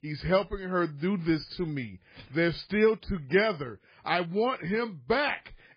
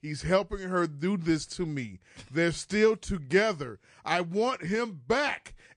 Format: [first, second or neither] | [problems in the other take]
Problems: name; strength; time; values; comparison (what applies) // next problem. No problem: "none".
second | garbled, watery; badly; slightly in the second